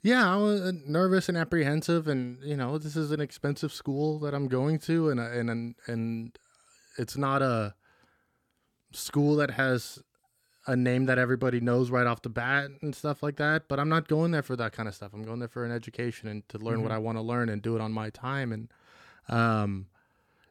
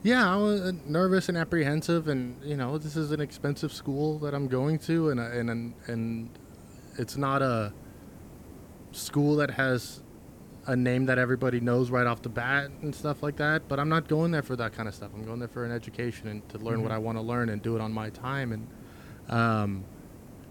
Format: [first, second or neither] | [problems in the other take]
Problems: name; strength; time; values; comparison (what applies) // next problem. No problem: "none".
first | hiss; noticeable; throughout; 20 dB below the speech